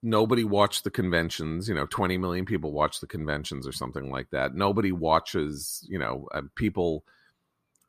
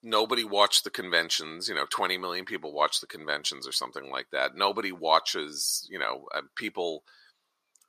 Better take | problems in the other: first | thin; very; fading below 550 Hz

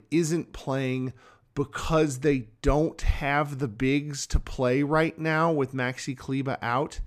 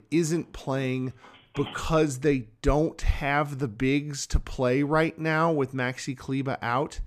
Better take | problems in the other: first | phone ringing; faint; until 2 s; peak 15 dB below the speech

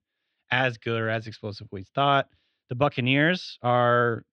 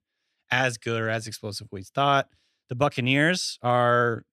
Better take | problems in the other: second | muffled; slightly; fading above 3.5 kHz

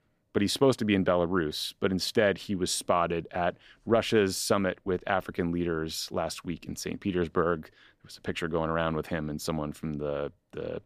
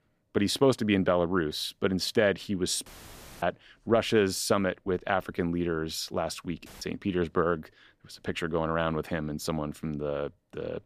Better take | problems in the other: first | audio cutting out; filled with static; at 3 s for 0.5 s and at 6.5 s

